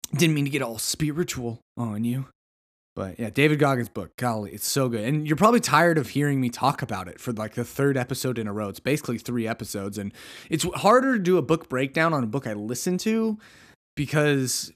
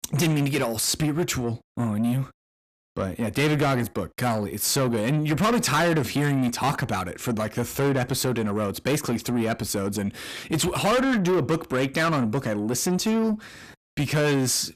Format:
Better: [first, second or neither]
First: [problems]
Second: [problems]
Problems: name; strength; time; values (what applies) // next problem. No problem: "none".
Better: first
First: none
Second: distortion; heavy; 6 dB below the speech